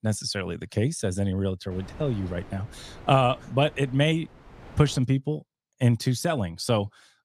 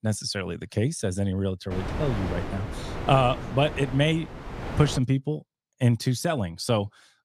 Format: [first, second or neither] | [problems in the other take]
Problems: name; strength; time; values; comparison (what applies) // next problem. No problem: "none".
first | wind noise on the microphone; heavy; from 1.5 to 5 s; 9 dB below the speech; occasional gusts in the first